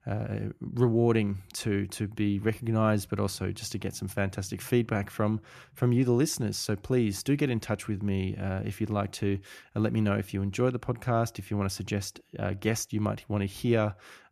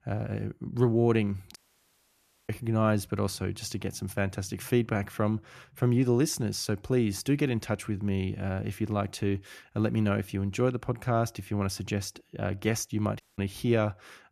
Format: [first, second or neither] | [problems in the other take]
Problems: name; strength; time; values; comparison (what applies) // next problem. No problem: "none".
first | audio cutting out; at 1.5 s for 1 s and at 13 s